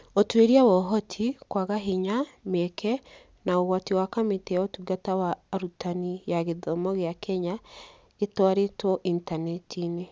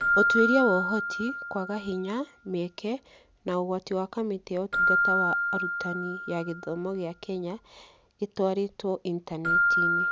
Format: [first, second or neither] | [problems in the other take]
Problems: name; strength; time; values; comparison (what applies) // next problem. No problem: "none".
first | background sound (Keyboard (musical)); 1 dB above the speech